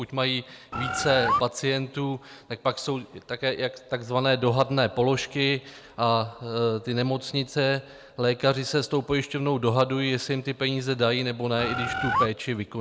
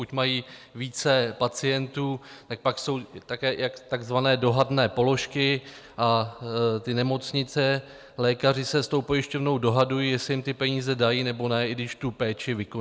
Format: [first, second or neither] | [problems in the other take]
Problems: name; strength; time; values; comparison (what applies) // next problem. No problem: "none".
second | background sound (Bird); as loud as the speech